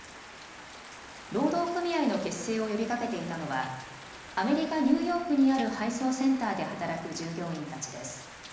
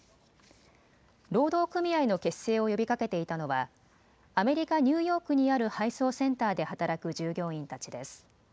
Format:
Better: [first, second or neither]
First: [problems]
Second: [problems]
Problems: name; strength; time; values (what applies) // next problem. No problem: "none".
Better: second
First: background sound (Rain); 16 dB below the speech // room echo; dies away in 1 s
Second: none